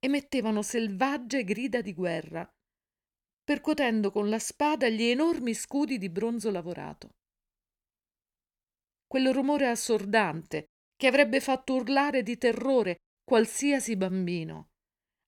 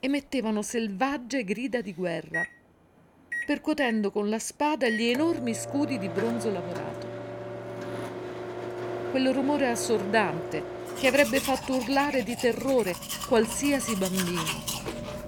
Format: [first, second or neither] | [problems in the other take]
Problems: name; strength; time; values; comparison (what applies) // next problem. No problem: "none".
first | household noises; loud; throughout; 7 dB below the speech